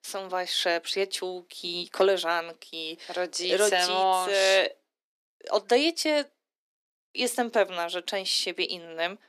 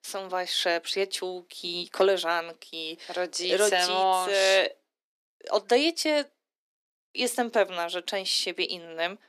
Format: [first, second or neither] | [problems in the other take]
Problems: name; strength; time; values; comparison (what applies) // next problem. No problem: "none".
neither | thin; very; fading below 300 Hz; the same in both